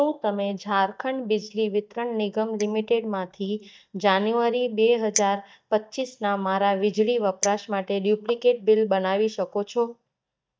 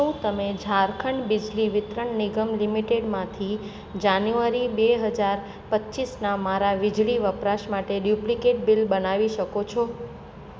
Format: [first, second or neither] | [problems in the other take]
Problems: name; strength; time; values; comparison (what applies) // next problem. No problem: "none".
second | noise reduction (neural mask model DeepFilterNet 3)